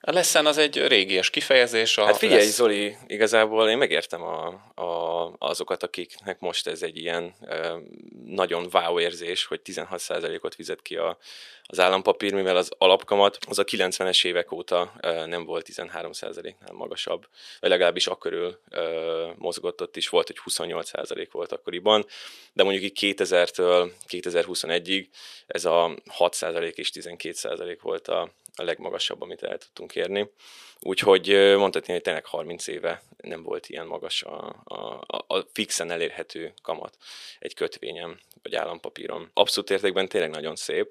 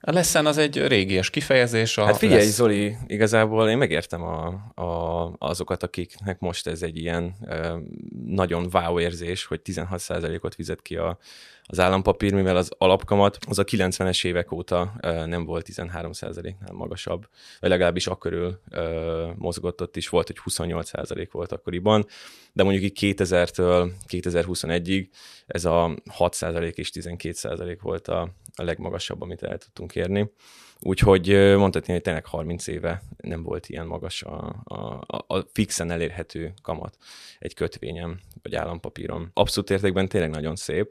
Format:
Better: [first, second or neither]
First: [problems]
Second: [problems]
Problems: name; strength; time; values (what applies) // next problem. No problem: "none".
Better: second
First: thin; somewhat; fading below 400 Hz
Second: none